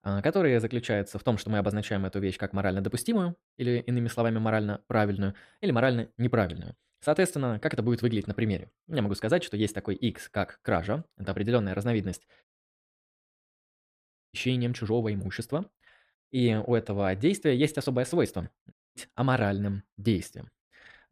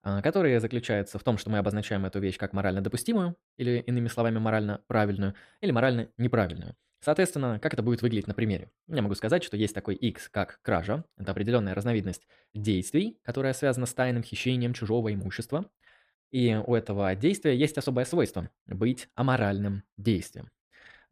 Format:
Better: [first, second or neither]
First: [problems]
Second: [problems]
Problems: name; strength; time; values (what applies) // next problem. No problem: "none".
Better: second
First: audio cutting out; at 12 s for 2 s and at 19 s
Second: none